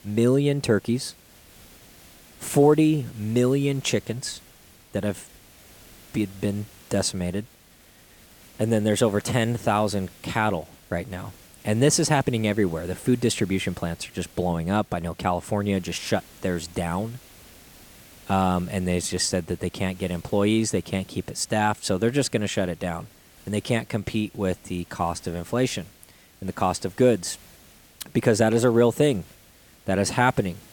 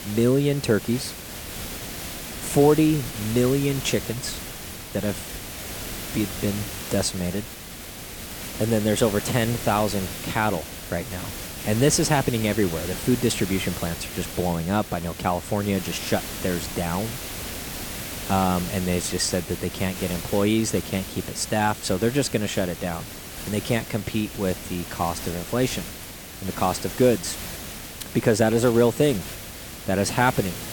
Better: first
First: hiss; faint; throughout; 25 dB below the speech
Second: hiss; loud; throughout; 9 dB below the speech

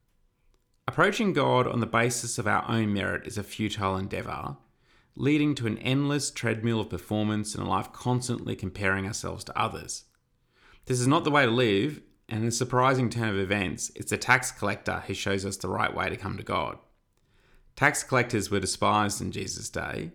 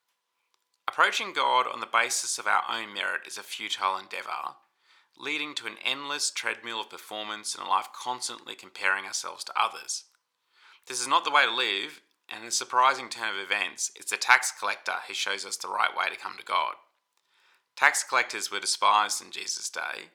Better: first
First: none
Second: thin; very; fading below 800 Hz

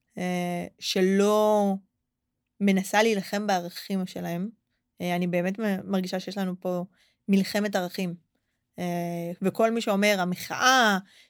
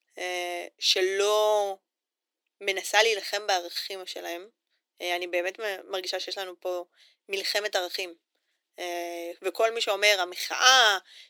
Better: first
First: none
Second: thin; very; fading below 300 Hz

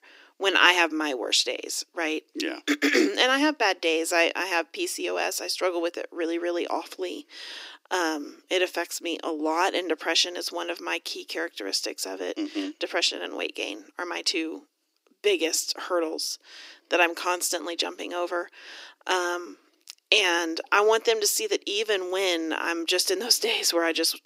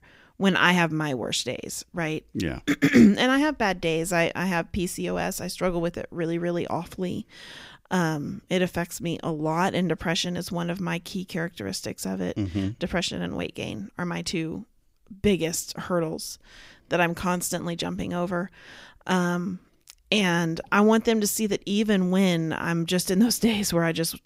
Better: second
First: thin; somewhat; fading below 300 Hz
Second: none

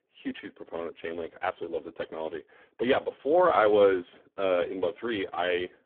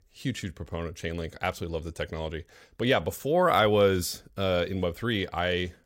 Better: second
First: phone-call audio; poor line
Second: none

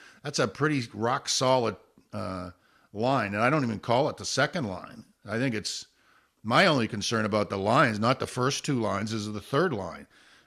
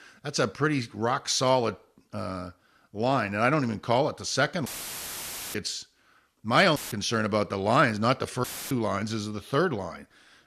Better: first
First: none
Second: audio cutting out; filled with static; at 4.5 s for 1 s, at 7 s and at 8.5 s

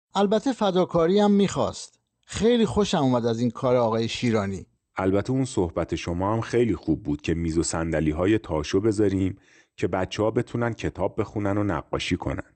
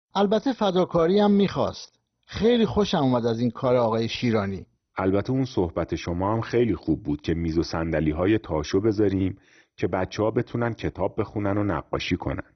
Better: first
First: garbled, watery; slightly; nothing above 8.5 kHz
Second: garbled, watery; badly; nothing above 6 kHz

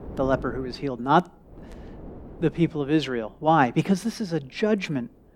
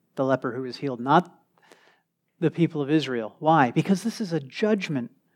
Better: second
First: wind noise on the microphone; occasional gusts; 25 dB below the speech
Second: none

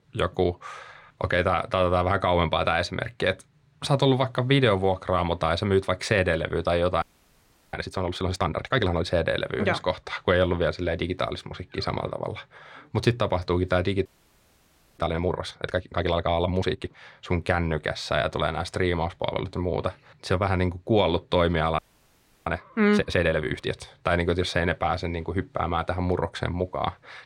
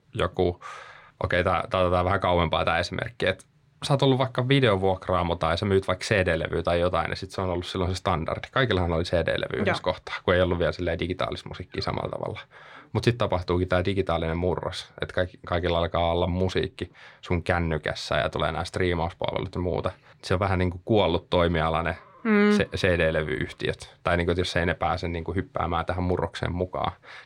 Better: second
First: audio freezing; at 7 s for 0.5 s, at 14 s for 1 s and at 22 s for 0.5 s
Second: none

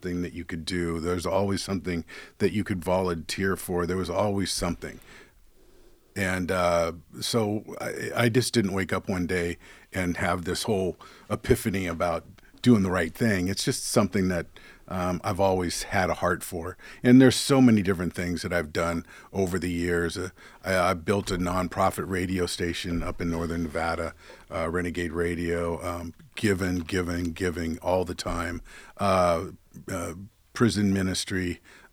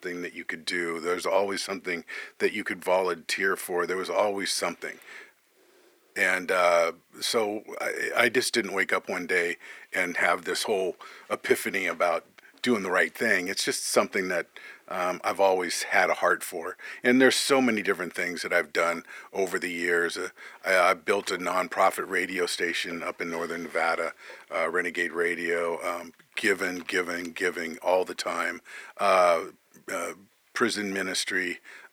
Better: first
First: none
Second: thin; somewhat; fading below 450 Hz

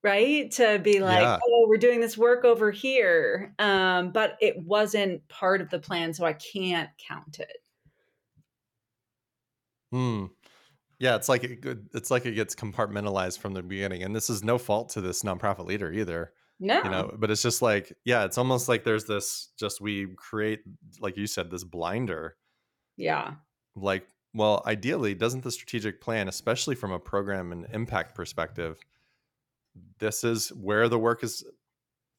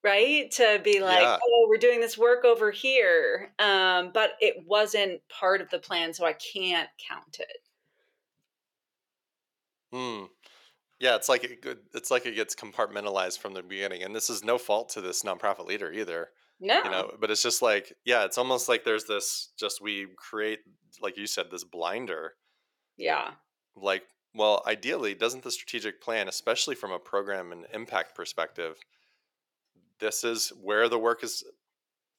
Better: first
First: none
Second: thin; somewhat; fading below 450 Hz

